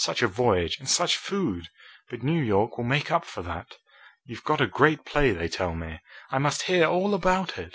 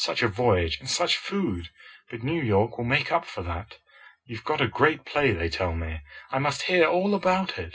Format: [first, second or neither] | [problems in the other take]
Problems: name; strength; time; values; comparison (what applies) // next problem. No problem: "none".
first | room echo; dies away in 0.2 s